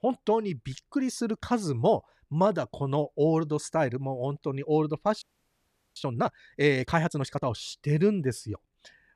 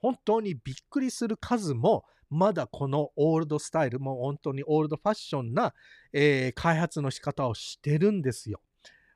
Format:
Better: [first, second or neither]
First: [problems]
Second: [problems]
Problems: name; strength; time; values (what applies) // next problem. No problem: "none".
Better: second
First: audio freezing; at 5 s for 0.5 s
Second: none